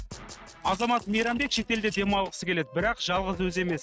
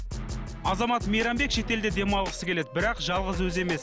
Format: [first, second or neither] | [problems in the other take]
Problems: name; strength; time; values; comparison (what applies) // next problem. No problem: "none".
second | noise reduction (neural mask model RNNoise)